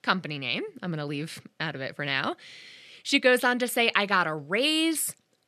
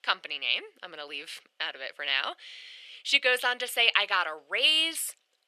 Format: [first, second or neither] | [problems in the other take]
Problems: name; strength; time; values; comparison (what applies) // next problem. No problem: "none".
first | thin; very; fading below 550 Hz